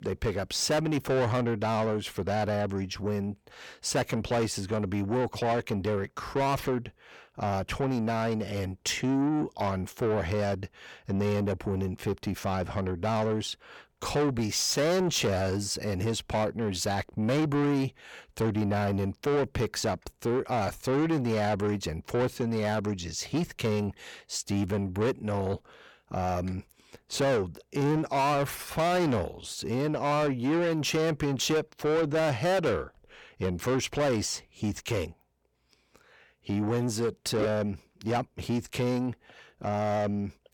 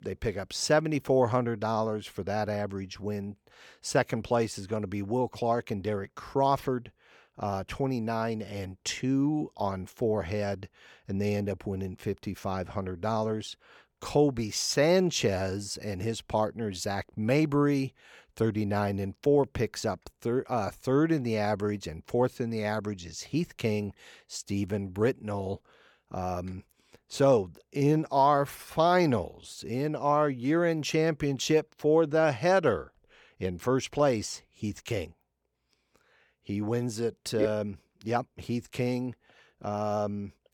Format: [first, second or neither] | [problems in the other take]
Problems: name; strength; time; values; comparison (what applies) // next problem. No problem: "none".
second | distortion; heavy; 7 dB below the speech